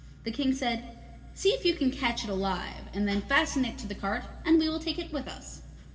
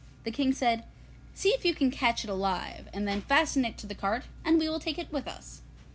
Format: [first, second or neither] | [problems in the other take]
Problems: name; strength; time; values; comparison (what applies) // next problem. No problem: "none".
second | room echo; dies away in 1.6 s